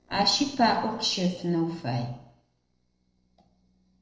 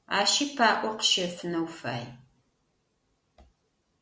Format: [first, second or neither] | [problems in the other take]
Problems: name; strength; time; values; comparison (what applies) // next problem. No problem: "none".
second | noise reduction (neural separator model SepFormer DNS4)